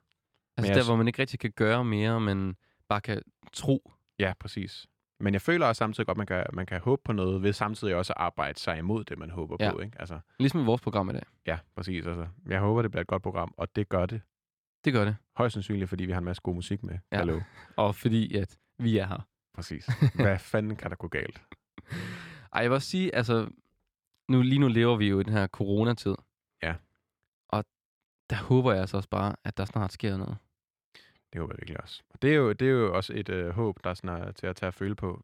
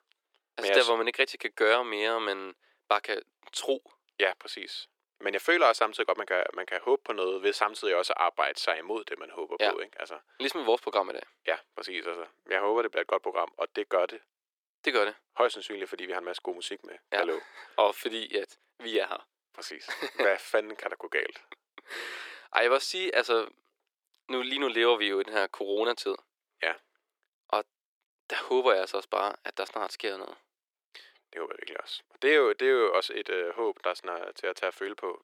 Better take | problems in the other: first | thin; very; fading below 350 Hz

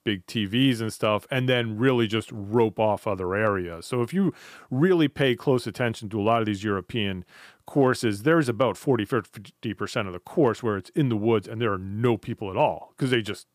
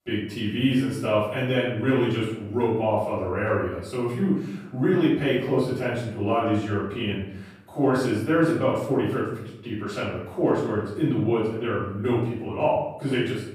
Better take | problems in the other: first | off-mic speech; far // room echo; noticeable; dies away in 0.7 s

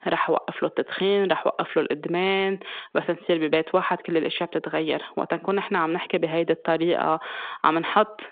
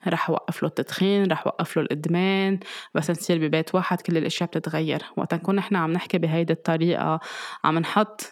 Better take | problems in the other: second | phone-call audio; nothing above 3.5 kHz

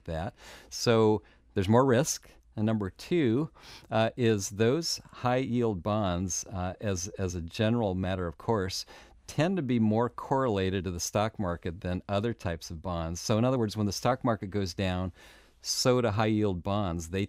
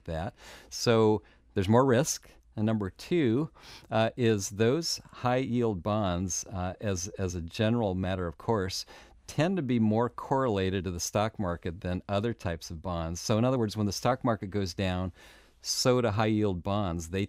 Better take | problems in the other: neither | none

